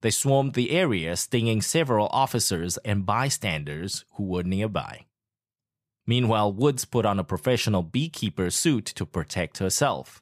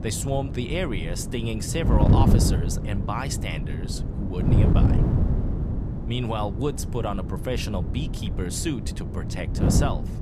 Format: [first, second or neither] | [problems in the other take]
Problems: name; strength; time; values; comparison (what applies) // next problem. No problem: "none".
first | wind noise on the microphone; heavy; 4 dB below the speech